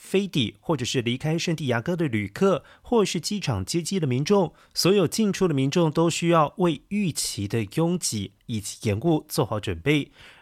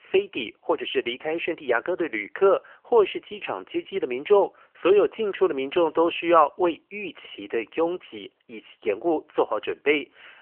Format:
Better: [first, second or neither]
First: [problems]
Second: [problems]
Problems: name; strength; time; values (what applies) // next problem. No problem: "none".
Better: first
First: none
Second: phone-call audio; nothing above 3 kHz